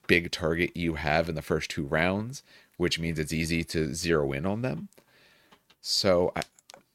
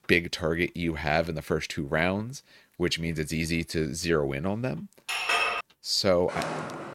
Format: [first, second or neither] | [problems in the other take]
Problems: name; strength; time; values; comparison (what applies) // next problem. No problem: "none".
first | clattering dishes; loud; at 5 s; peak 3 dB above the speech // footsteps; noticeable; at 6.5 s; peak 5 dB below the speech